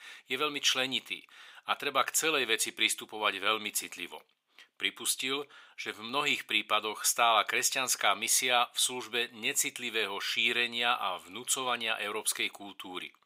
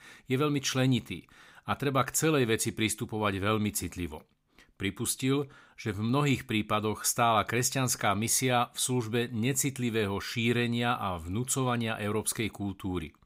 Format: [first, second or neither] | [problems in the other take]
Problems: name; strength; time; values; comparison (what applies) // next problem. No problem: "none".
second | thin; very; fading below 550 Hz